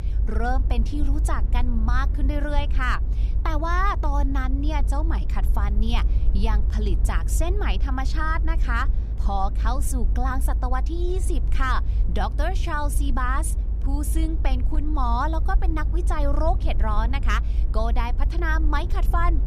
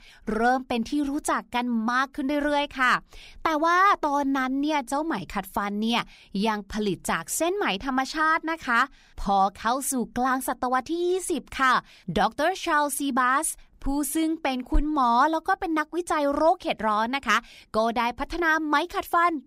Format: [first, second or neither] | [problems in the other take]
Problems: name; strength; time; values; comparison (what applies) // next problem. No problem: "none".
second | low rumble; noticeable; throughout; 15 dB below the speech